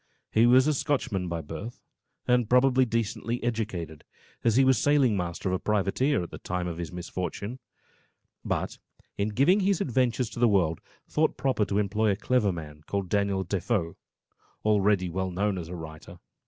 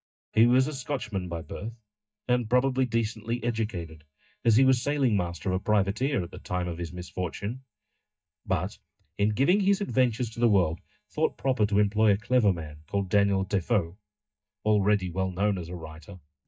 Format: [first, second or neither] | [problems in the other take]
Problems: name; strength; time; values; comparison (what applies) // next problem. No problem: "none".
first | noise reduction (neural mask model DeepFilterNet 3)